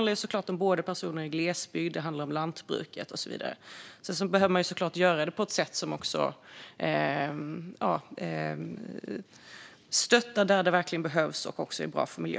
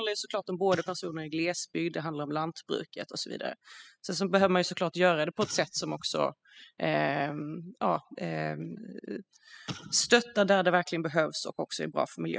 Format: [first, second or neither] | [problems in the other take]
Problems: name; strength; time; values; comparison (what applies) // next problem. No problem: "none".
first | noise reduction (classical method spectral subtraction)